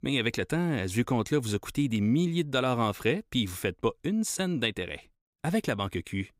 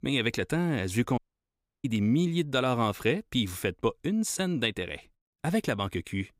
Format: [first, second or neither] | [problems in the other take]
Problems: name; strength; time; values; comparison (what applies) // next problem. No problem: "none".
first | audio cutting out; at 1 s for 0.5 s